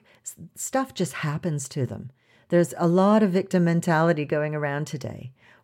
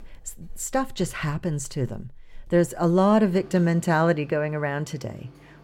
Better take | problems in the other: first | household noises; faint; throughout; 25 dB below the speech

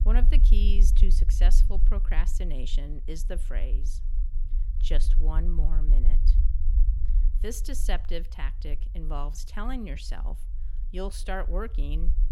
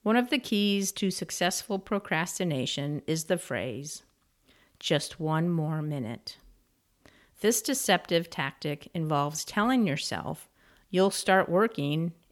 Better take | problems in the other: second | low rumble; noticeable; throughout; 10 dB below the speech

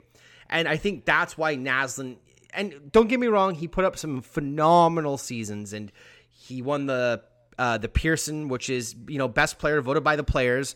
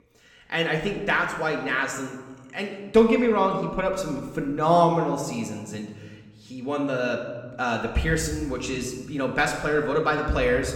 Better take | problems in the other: first | room echo; slight; dies away in 1.2 s // off-mic speech; somewhat distant

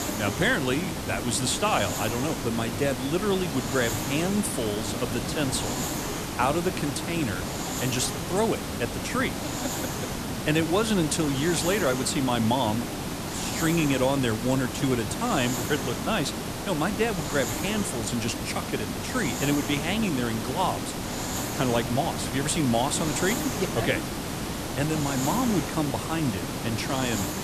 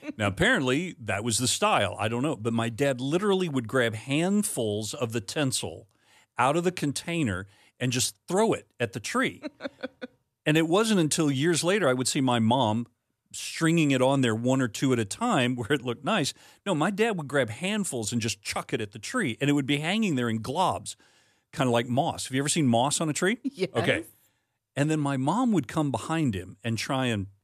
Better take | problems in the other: second | hiss; loud; throughout; 3 dB below the speech

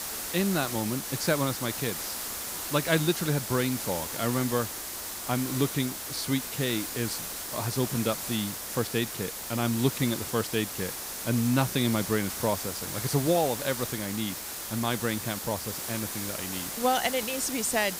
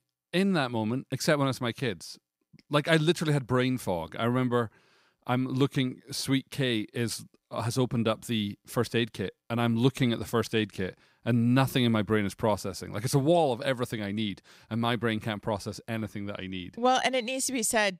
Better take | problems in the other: second | hiss; loud; throughout; 4 dB below the speech

